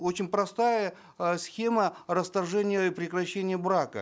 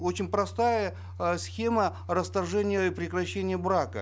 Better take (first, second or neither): first